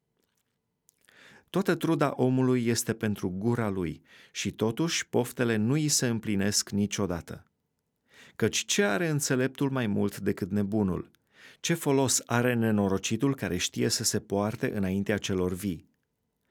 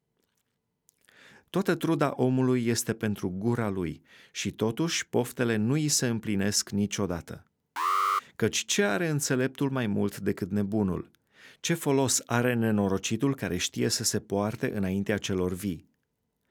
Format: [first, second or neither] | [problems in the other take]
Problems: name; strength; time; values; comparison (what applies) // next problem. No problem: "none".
first | alarm; loud; at 8 s; peak 3 dB above the speech